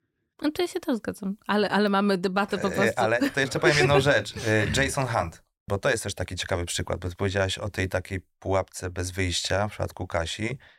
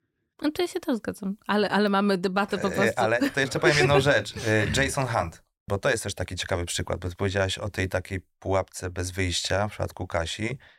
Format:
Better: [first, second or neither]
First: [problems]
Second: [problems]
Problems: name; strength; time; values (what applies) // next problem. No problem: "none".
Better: neither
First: none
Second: none